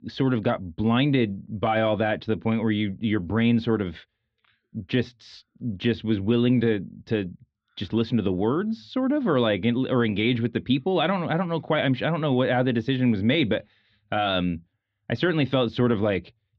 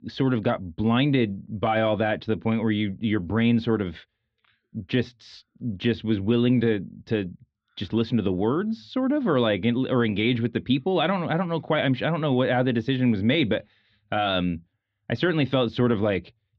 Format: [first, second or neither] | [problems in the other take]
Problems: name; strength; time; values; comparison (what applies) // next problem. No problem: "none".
neither | muffled; slightly; fading above 4 kHz; the same in both